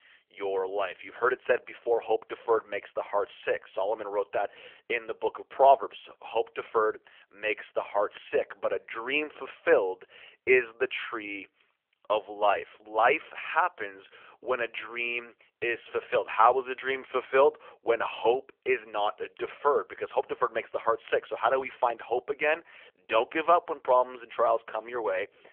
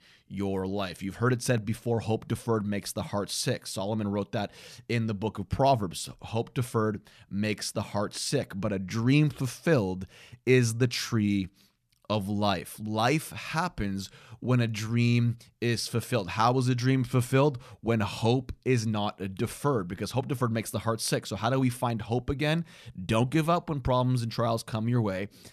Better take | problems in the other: second | phone-call audio; nothing above 3 kHz

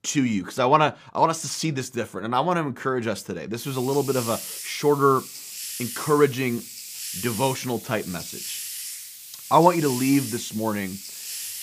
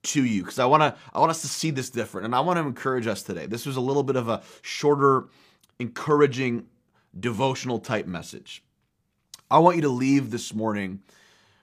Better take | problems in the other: second | hiss; loud; from 3.5 s on; 9 dB below the speech

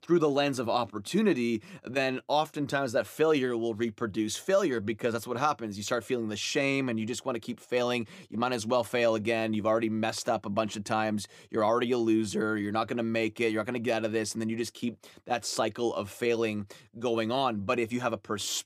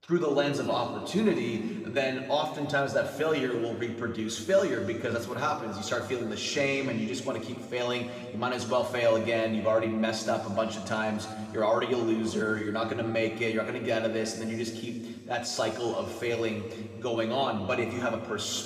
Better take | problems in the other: first | room echo; noticeable; dies away in 2.1 s // off-mic speech; somewhat distant

